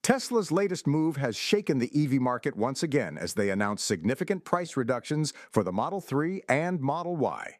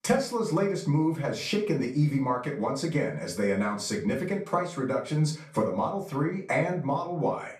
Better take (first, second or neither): first